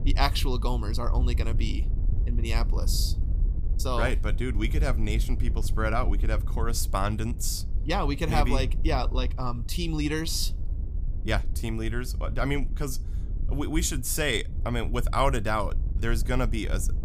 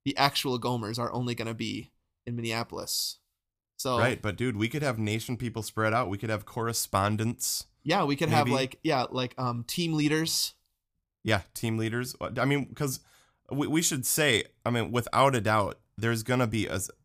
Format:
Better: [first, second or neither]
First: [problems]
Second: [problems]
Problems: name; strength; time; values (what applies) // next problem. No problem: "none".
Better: second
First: wind noise on the microphone; occasional gusts; 20 dB below the speech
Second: none